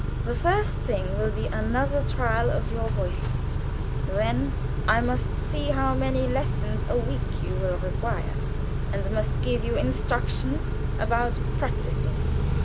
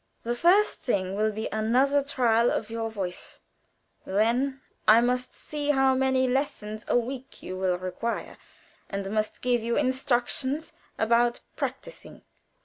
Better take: second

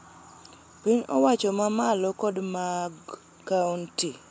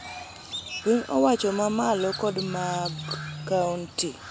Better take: first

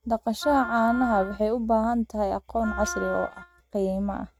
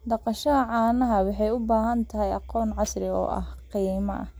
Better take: second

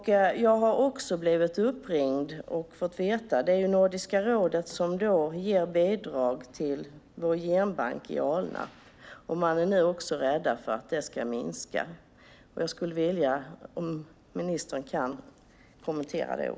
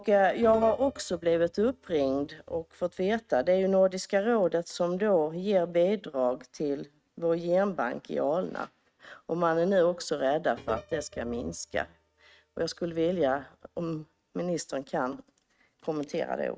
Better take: first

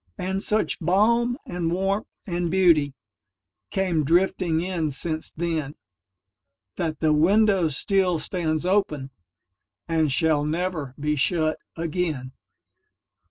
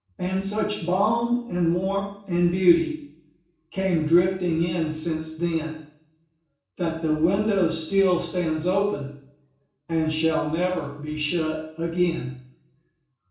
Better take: first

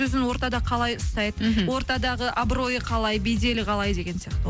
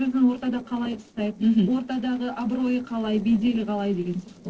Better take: first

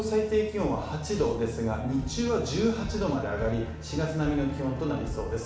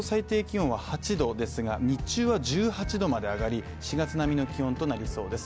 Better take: second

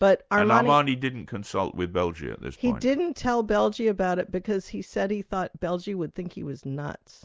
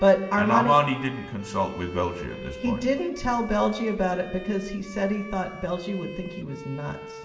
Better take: first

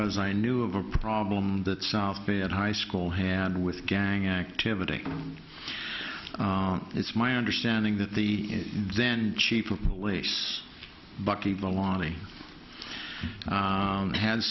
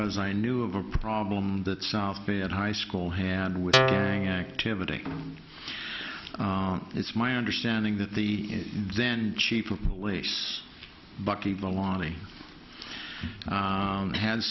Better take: first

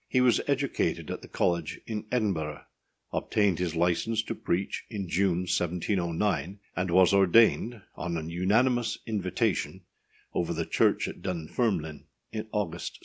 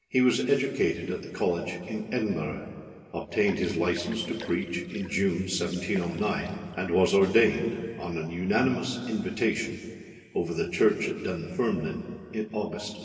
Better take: first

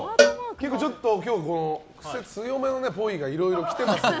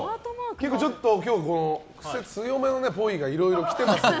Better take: second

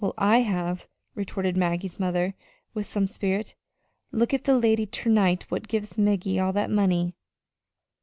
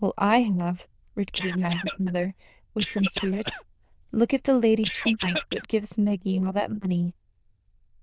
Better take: first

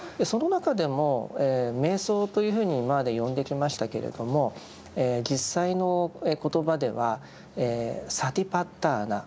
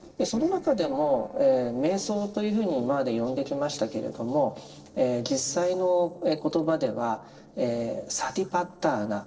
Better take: first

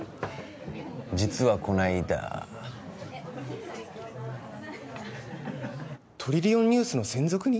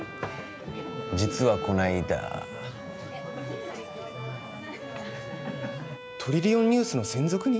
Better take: first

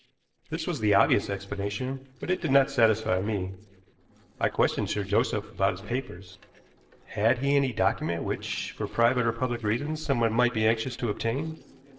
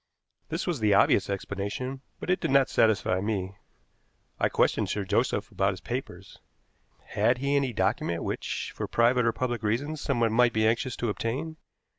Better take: second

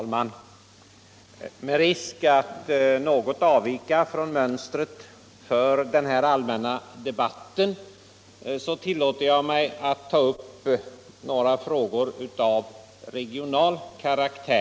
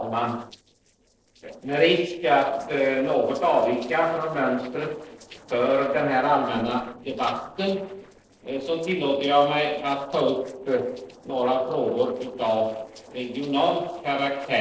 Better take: first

